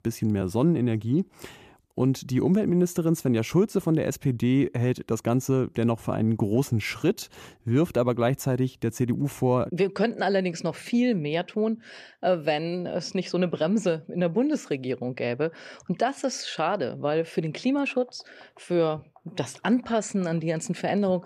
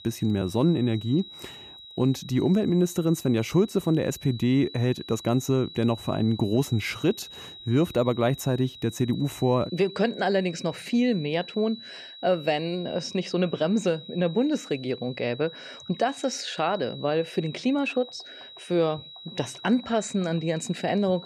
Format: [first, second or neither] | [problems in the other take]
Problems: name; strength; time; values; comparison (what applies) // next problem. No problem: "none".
first | high-pitched whine; noticeable; throughout; 4 kHz, 15 dB below the speech